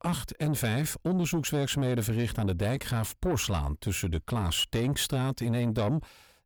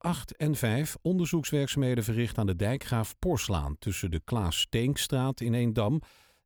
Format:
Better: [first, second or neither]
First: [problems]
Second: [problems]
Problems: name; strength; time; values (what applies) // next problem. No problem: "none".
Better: second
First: distortion; slight; 10 dB below the speech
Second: none